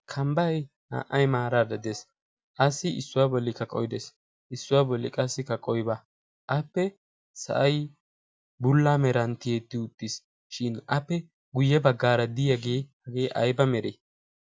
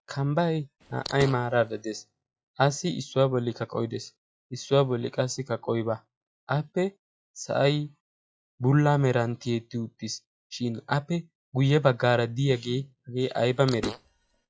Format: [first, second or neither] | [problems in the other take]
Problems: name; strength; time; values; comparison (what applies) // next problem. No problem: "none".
first | noise reduction (classical method log-MMSE)